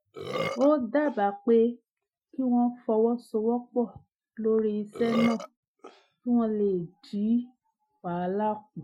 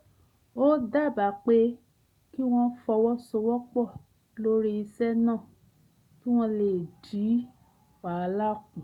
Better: second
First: noise reduction (classical method Wiener filter)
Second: none

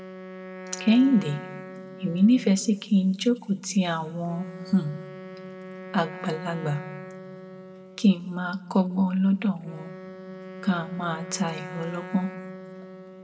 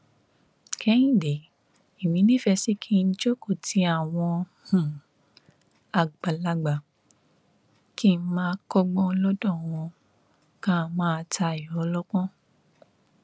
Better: second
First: background sound (Wind instrument, woodwind instrument); 15 dB below the speech // room echo; dies away in 1 s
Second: none

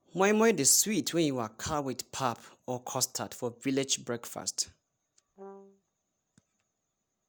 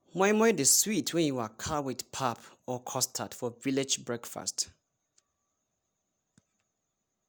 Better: second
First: background sound (Brass instrument); 19 dB below the speech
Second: none

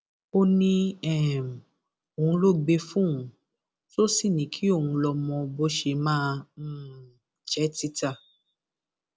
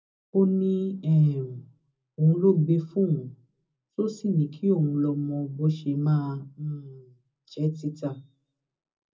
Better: first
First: none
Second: room echo; dies away in 0.4 s

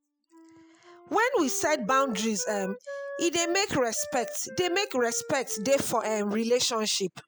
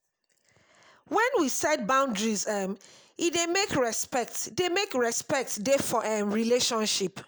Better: second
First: noise reduction (classical method spectral subtraction)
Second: none

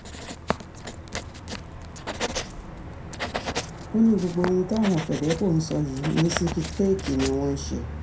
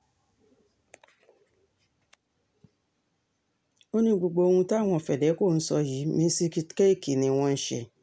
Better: second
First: background sound (Writing); 7 dB below the speech // room echo; dies away in 0.2 s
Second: none

